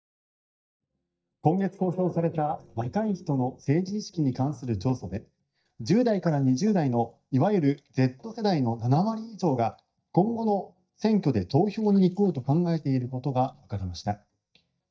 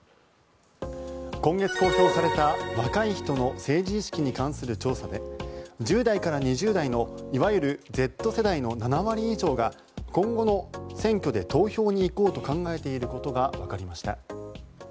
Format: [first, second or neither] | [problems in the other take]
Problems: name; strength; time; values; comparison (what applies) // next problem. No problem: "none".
second | noise reduction (neural mask model DeepFilterNet 3)